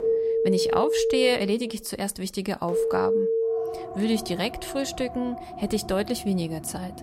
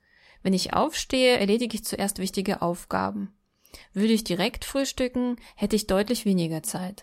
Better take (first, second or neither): second